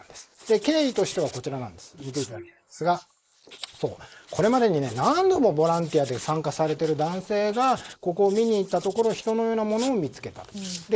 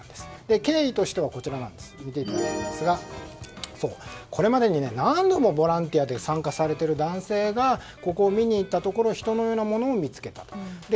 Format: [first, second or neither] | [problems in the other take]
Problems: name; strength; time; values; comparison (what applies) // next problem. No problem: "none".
second | noise reduction (neural mask model Resemble Enhance denoiser)